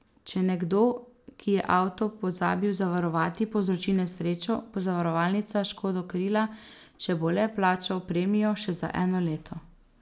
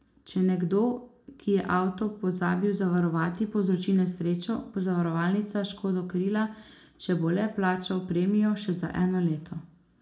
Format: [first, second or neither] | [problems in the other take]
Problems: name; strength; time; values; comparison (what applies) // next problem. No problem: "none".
first | room echo; dies away in 0.4 s